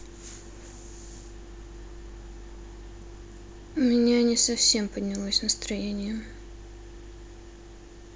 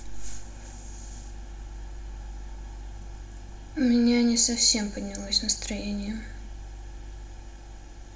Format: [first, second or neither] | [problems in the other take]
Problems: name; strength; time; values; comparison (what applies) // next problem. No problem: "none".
first | room echo; dies away in 0.8 s